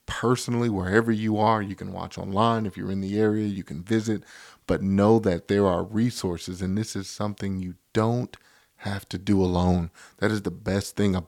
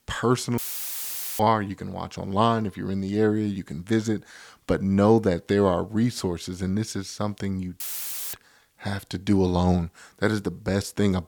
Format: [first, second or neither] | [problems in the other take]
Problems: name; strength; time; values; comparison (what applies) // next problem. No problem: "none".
first | audio cutting out; filled with static; at 0.5 s for 1 s and at 8 s for 0.5 s